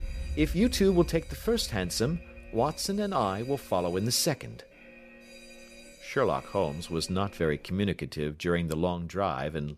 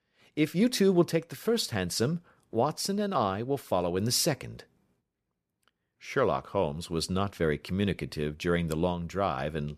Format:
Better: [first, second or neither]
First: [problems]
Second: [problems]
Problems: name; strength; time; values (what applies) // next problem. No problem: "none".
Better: second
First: alarm; noticeable; until 7.5 s; peak 7 dB below the speech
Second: none